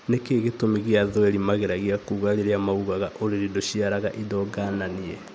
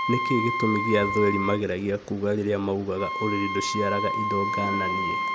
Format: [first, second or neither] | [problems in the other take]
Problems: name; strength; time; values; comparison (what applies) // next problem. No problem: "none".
first | background sound (Wind instrument, woodwind instrument); 2 dB below the speech